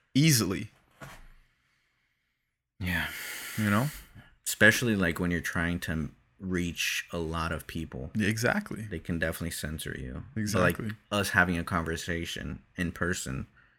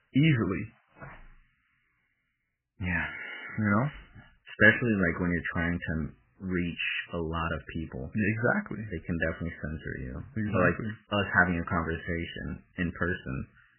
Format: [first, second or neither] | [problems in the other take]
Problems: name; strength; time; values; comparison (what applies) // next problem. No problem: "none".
first | garbled, watery; badly; nothing above 3 kHz